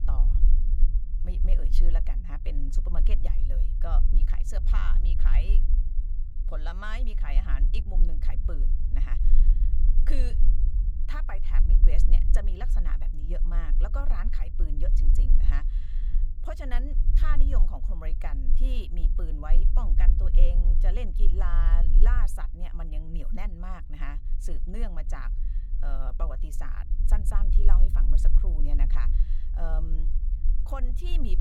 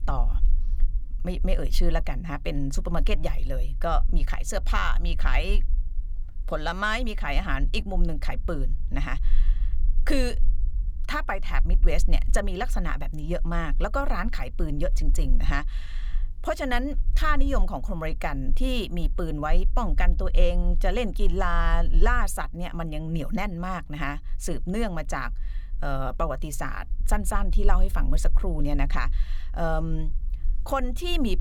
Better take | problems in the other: second | low rumble; loud; throughout; 9 dB below the speech; faint in the second

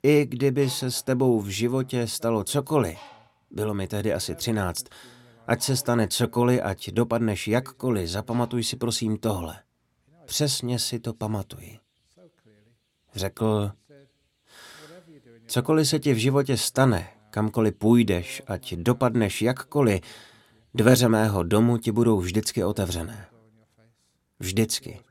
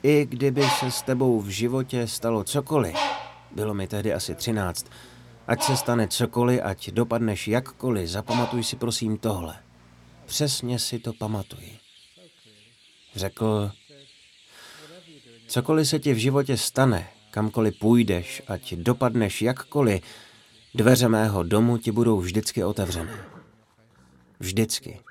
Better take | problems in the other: first | animal sounds; loud; throughout; 6 dB below the speech; faint in the first

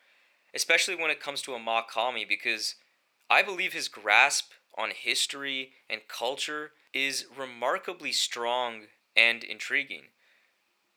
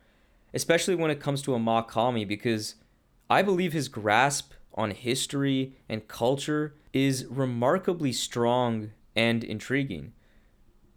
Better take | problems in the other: second | thin; very; fading below 700 Hz

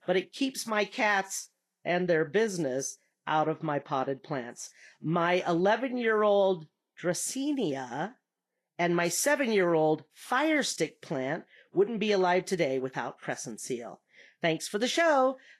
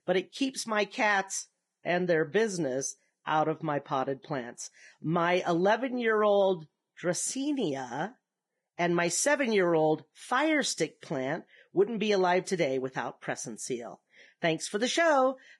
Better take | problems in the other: first | garbled, watery; badly; nothing above 10.5 kHz; slightly in the first

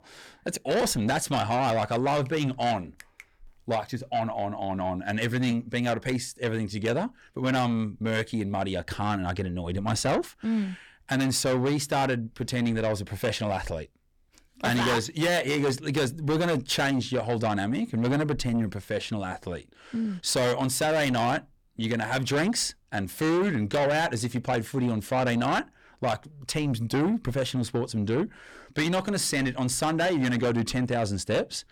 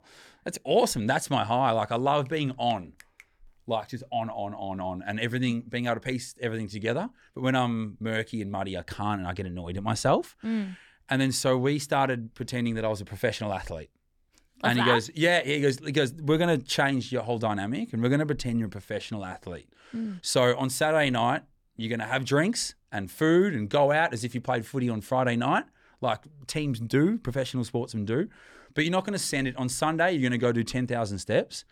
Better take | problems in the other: second | distortion; heavy; 8 dB below the speech

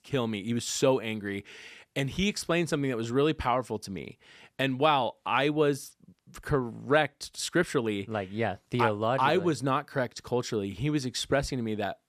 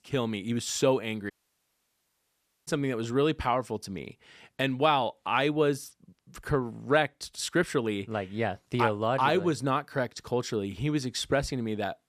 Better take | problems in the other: first | audio cutting out; at 1.5 s for 1.5 s

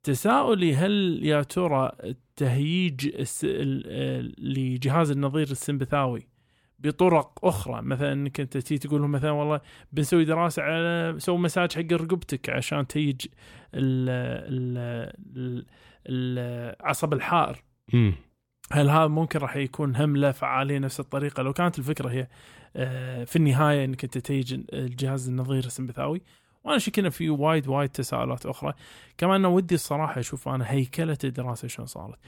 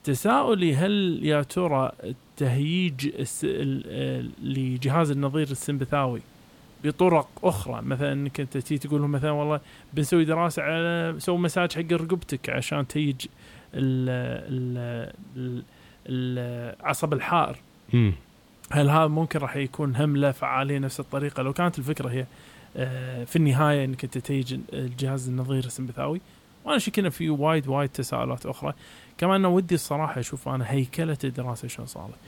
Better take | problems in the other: first | hiss; faint; throughout; 30 dB below the speech

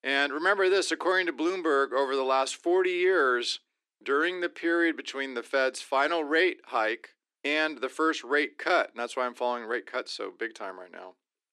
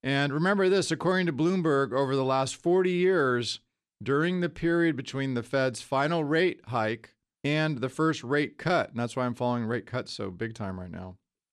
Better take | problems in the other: second | thin; somewhat; fading below 300 Hz

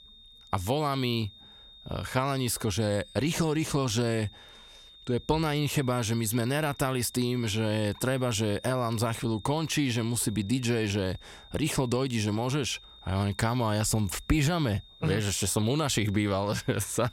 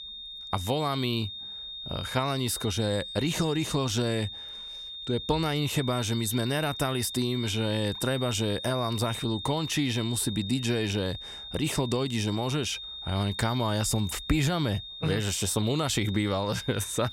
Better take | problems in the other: first | high-pitched whine; loud; throughout; 3.5 kHz, 8 dB below the speech; faint in the first

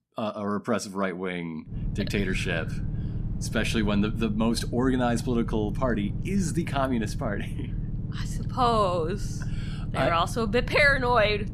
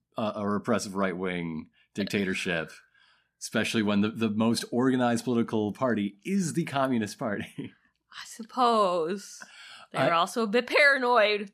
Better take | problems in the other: second | low rumble; noticeable; from 1.5 s on; 20 dB below the speech

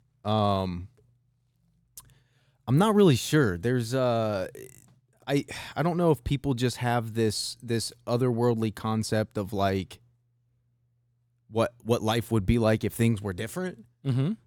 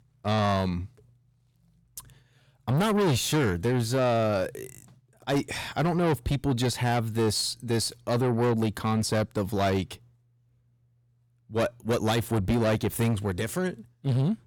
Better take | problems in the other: first | distortion; heavy; 7 dB below the speech

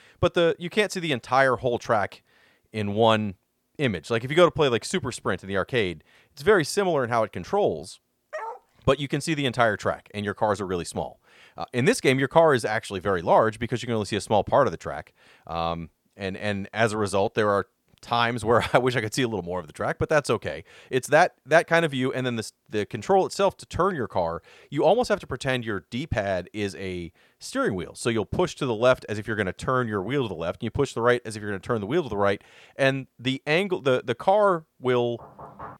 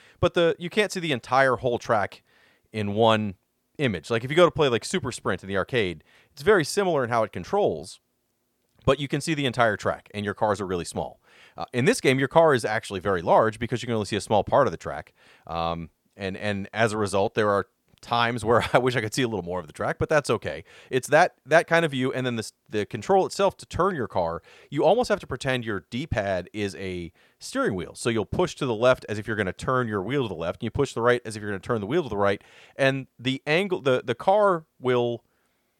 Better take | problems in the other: second | dog barking; faint; at 8.5 s; peak 10 dB below the speech // door banging; faint; at 35 s; peak 15 dB below the speech

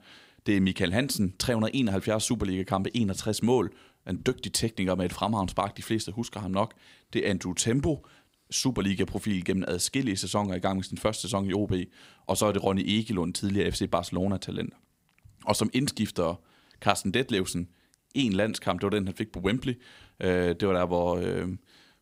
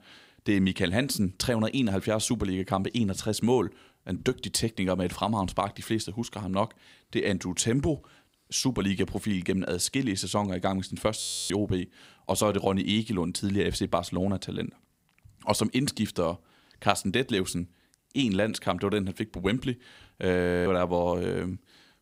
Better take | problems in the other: first | audio freezing; at 11 s and at 20 s

